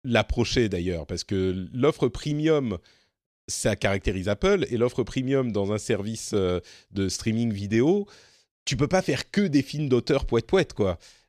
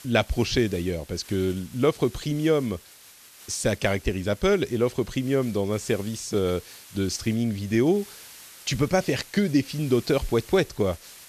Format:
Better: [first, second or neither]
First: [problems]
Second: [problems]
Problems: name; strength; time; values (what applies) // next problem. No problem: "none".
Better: first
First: none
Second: hiss; noticeable; throughout; 20 dB below the speech